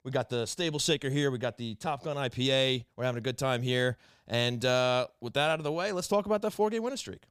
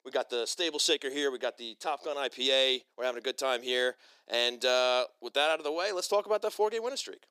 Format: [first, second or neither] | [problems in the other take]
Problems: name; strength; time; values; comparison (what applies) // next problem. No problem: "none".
first | thin; somewhat; fading below 300 Hz